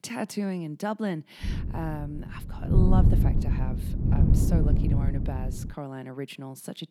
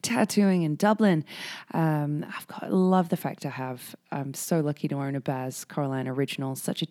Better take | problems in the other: second | wind noise on the microphone; heavy; from 1.5 to 5.5 s; as loud as the speech

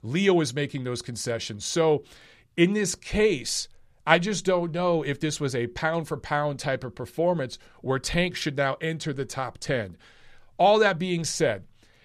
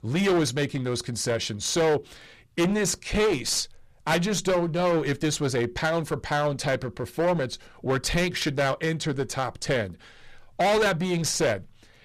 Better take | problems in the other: first | distortion; heavy; 14% of the sound clipped

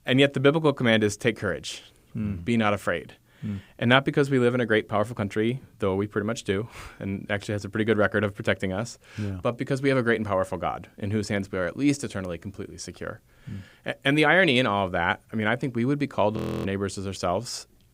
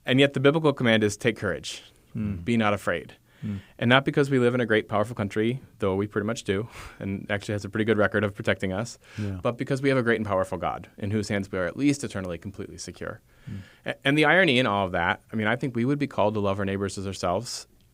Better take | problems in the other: second | audio freezing; at 16 s

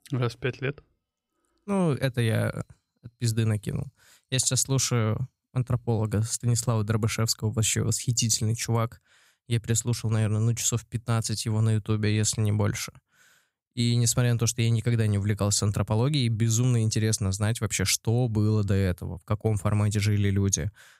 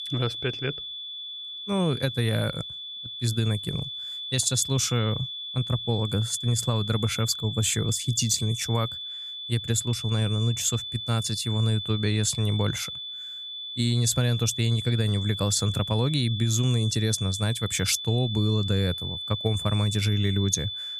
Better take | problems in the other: first | high-pitched whine; loud; throughout; 3.5 kHz, 7 dB below the speech

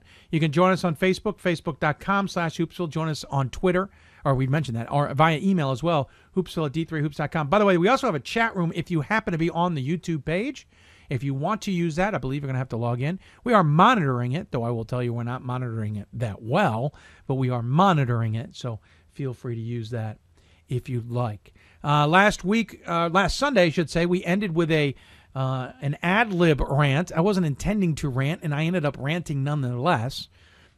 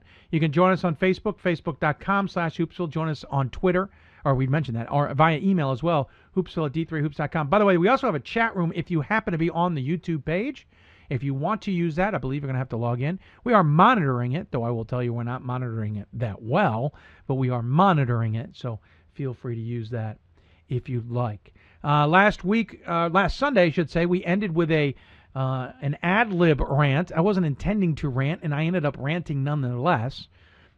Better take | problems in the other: first | muffled; slightly; fading above 3 kHz

